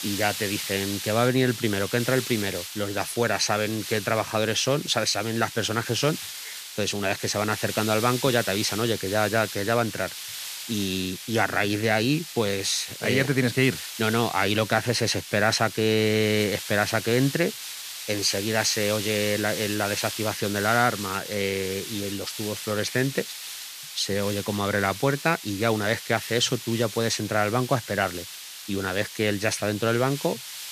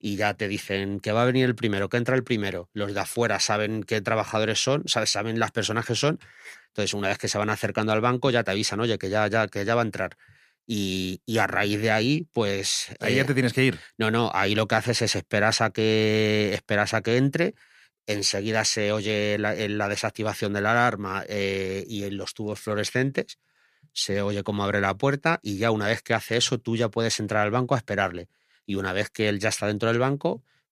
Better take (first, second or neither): second